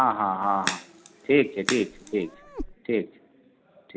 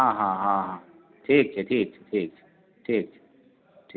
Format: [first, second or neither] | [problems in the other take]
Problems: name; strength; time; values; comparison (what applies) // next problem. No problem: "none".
second | background sound (Meow + Crack); 8 dB below the speech